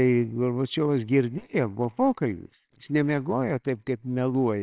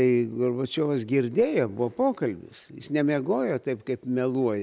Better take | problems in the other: second | noise reduction (neural separator model SepFormer WHAMR!)

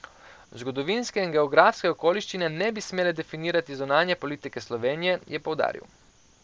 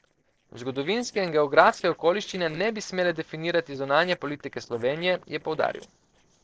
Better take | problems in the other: first | noise reduction (neural separator model SepFormer DNS4)

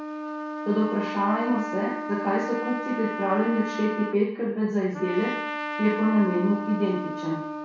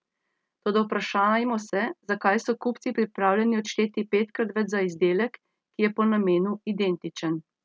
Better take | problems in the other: second | background sound (Trumpet); 7 dB below the speech // room echo; dies away in 0.6 s

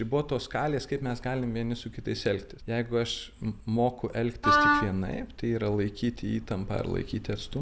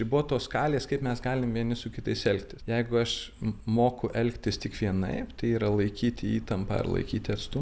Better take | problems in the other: second | background sound (Wind instrument, woodwind instrument); 5 dB above the speech

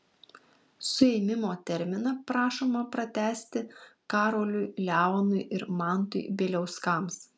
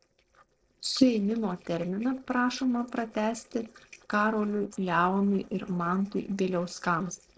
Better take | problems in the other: first | noise reduction (neural separator model SepFormer DNS4)

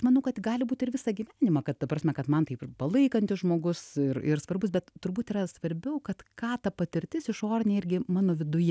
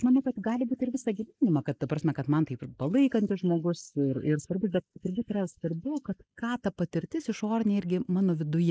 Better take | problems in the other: first | noise reduction (neural mask model Resemble Enhance denoiser)

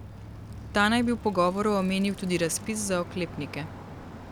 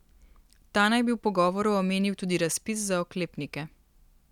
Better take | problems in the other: second | background sound (Bicycle); 13 dB below the speech

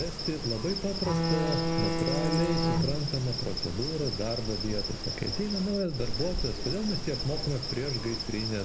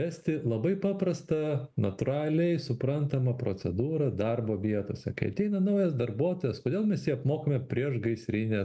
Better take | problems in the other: second | background sound (Insect + Bowed string instrument); 1 dB above the speech

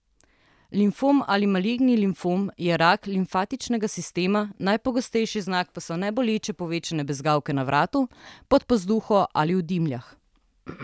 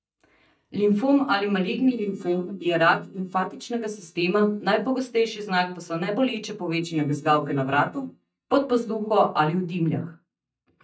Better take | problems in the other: first | noise reduction (neural mask model DeepFilterNet 3)

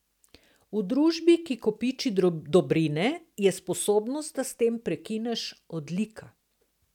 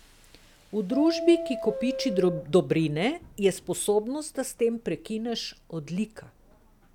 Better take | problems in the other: first | background sound (Subway, metro, underground); 12 dB below the speech

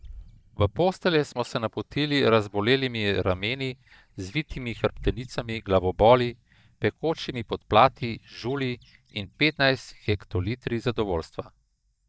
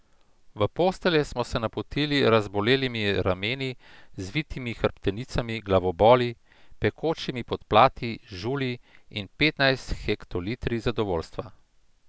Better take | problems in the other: second | noise reduction (neural mask model DeepFilterNet 3)

